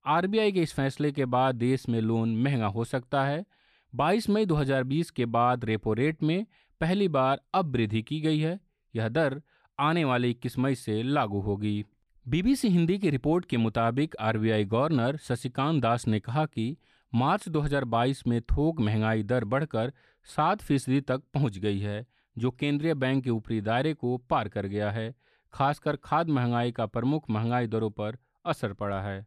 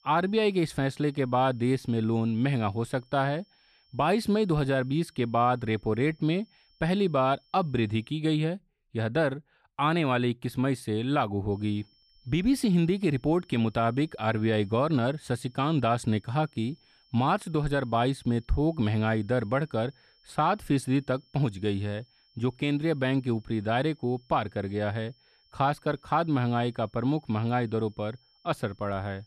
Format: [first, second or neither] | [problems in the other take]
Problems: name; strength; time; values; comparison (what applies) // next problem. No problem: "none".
first | high-pitched whine; faint; until 8 s and from 12 s on; 5.5 kHz, 35 dB below the speech